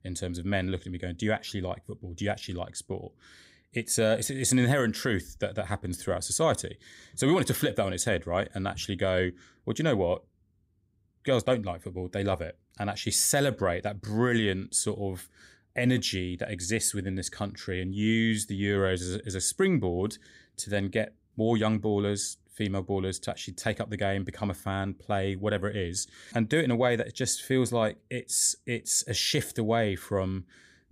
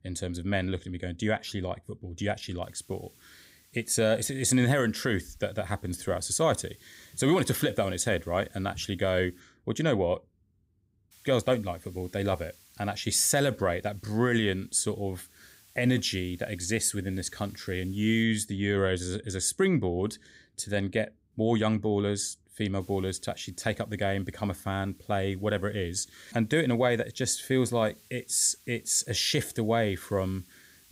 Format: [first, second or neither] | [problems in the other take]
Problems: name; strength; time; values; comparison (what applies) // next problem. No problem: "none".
first | hiss; faint; from 2.5 to 9.5 s, from 11 to 18 s and from 23 s on; 30 dB below the speech